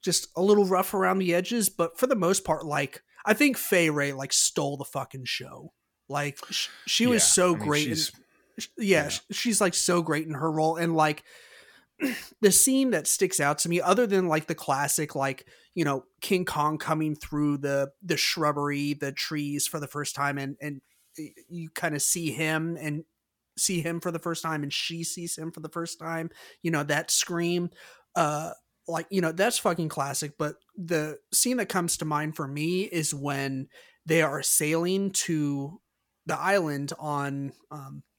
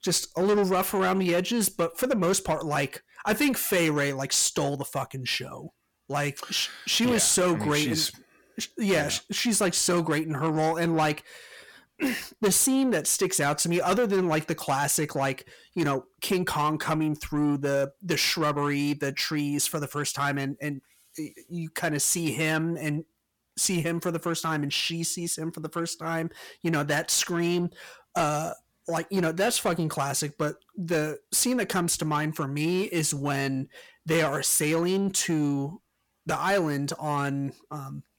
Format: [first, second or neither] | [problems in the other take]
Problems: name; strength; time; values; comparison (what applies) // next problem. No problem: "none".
first | distortion; slight; 10 dB below the speech